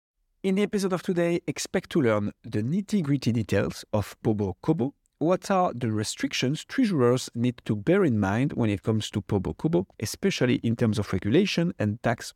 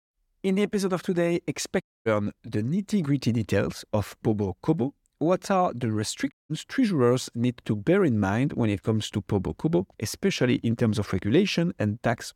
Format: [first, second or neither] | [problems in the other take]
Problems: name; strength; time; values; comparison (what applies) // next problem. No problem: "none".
first | audio cutting out; at 2 s and at 6.5 s